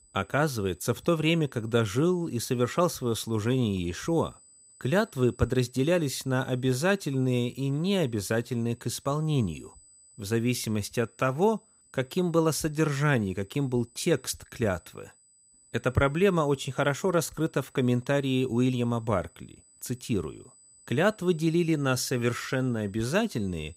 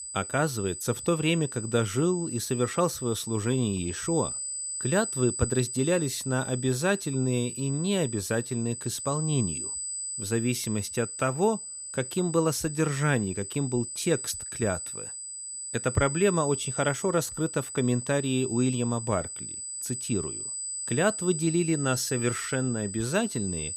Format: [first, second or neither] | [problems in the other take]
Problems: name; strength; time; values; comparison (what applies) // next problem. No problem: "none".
first | high-pitched whine; loud; throughout; 8 kHz, 6 dB below the speech; faint in the first